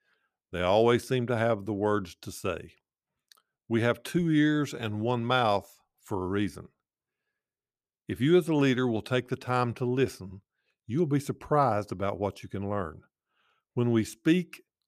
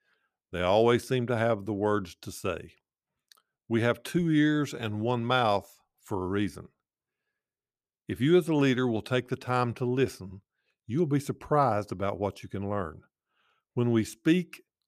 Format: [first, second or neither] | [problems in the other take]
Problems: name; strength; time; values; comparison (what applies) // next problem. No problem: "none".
neither | none